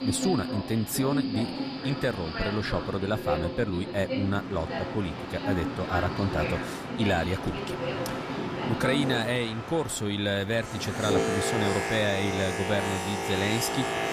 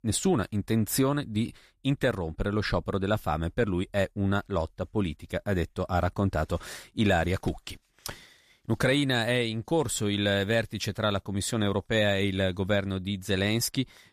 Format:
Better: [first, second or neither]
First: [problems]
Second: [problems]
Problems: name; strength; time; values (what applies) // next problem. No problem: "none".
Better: second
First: train or aircraft noise; loud; throughout; 2 dB below the speech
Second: none